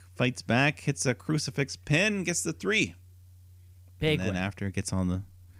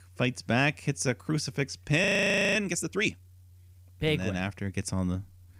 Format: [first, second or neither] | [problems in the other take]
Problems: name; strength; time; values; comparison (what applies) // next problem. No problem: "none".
first | audio freezing; at 2 s for 0.5 s